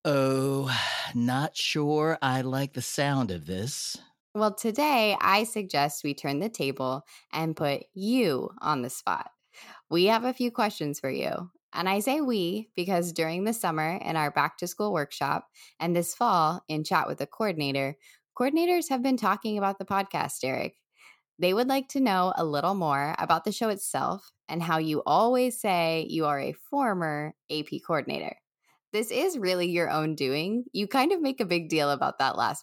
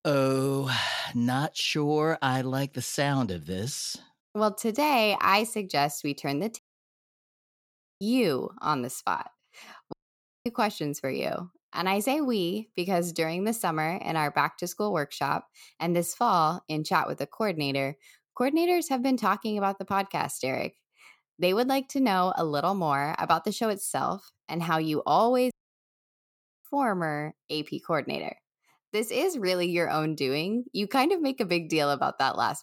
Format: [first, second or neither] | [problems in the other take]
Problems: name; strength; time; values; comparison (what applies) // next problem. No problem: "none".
first | audio cutting out; at 6.5 s for 1.5 s, at 10 s for 0.5 s and at 26 s for 1 s